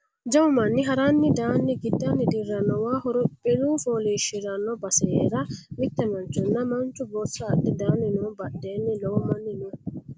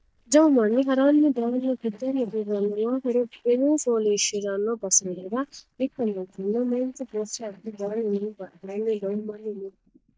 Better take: first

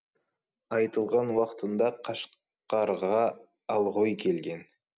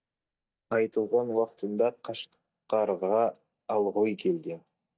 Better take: first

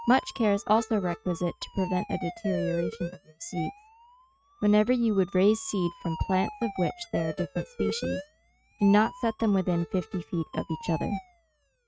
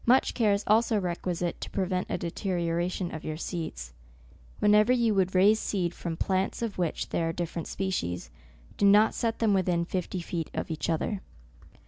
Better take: second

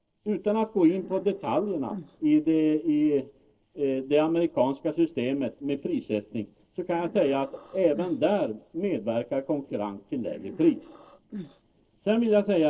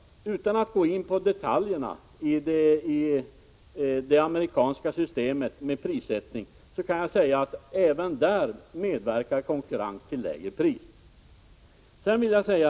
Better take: second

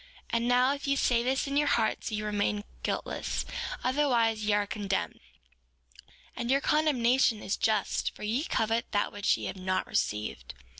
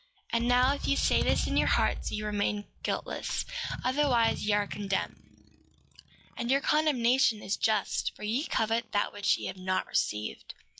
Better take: first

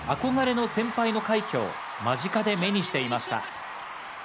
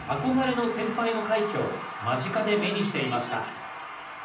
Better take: first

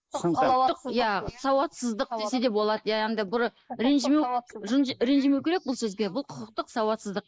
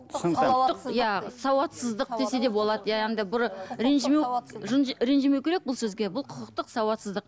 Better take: second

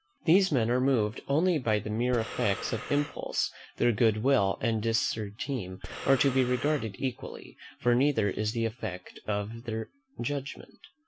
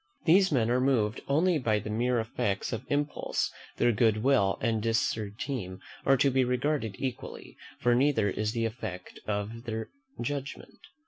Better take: second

